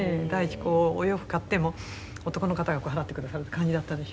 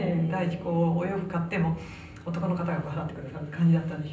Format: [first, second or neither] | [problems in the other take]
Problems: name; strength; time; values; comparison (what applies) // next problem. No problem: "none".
first | room echo; dies away in 0.6 s